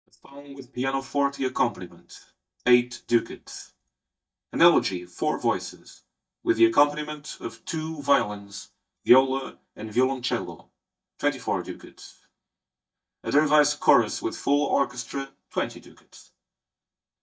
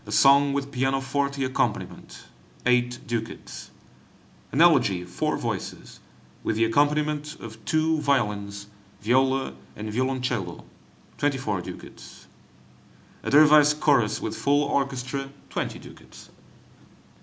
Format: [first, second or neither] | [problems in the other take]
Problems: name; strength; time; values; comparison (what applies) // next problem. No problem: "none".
second | noise reduction (neural mask model DeepFilterNet 3)